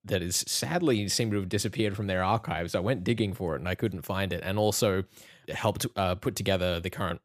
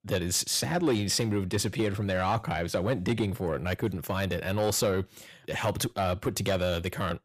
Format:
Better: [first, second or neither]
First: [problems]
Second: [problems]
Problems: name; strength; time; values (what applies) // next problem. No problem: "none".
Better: first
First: none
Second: distortion; slight; 10 dB below the speech